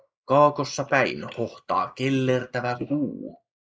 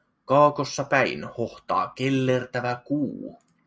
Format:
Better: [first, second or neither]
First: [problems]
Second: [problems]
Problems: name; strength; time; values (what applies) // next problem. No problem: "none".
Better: second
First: noise reduction (neural mask model Resemble Enhance denoiser)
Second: none